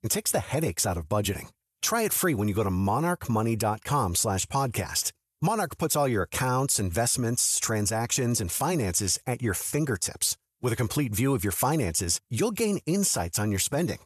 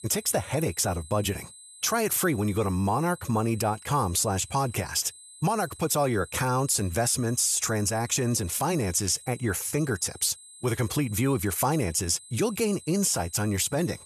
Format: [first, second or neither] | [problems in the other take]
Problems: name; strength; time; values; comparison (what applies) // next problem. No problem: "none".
first | high-pitched whine; noticeable; throughout; 8 kHz, 20 dB below the speech